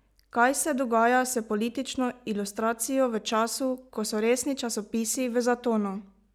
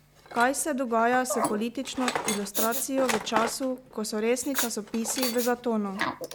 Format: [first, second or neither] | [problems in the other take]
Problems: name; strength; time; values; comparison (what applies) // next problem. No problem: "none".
first | background sound (Respiratory sounds + Tools); 5 dB below the speech